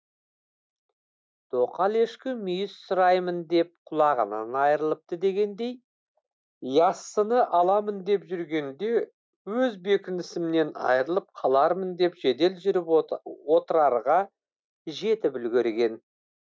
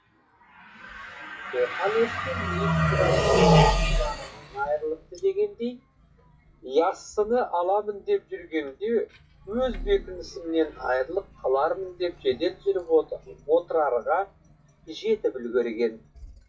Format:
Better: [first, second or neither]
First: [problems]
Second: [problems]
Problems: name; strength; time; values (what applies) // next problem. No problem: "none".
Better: first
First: none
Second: noise reduction (classical method WPE with log-MMSE)